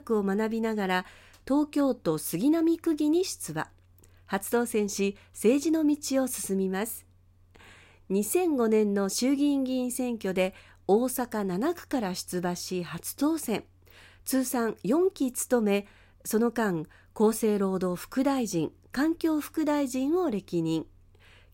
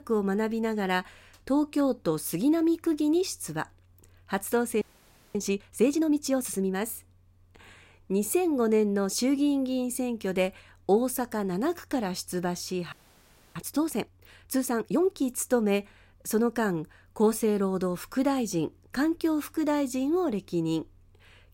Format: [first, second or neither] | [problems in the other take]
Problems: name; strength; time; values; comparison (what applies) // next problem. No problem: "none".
first | audio freezing; at 5 s for 0.5 s and at 13 s for 0.5 s